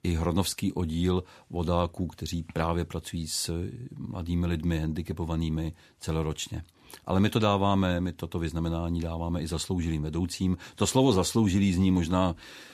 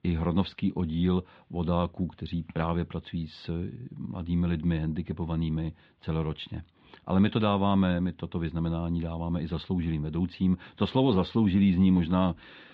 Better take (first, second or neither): first